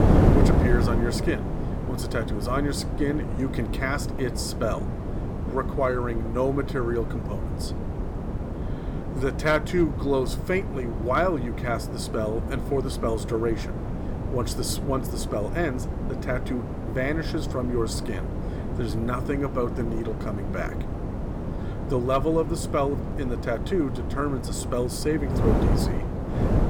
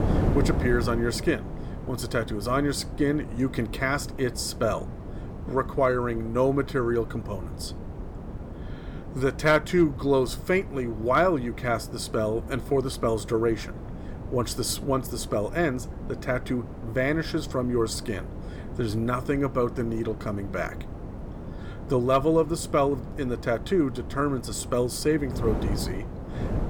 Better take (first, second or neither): second